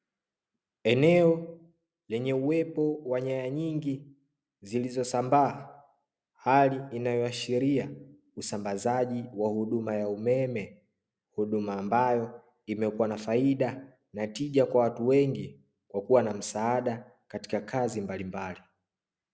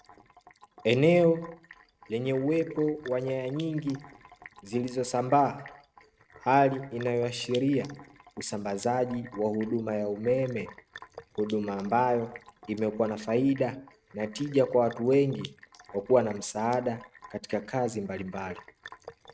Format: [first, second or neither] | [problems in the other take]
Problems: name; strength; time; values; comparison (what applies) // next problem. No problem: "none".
first | noise reduction (neural mask model RNNoise)